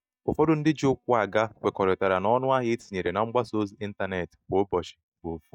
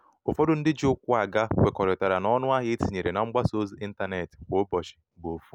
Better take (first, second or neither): second